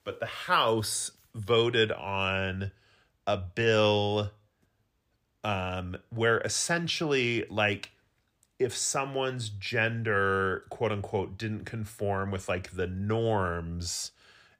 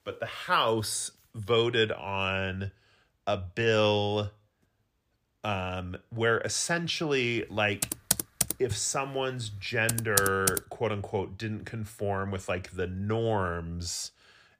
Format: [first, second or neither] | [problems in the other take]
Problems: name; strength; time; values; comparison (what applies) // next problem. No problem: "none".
first | keyboard typing; loud; from 8 to 11 s; peak 3 dB above the speech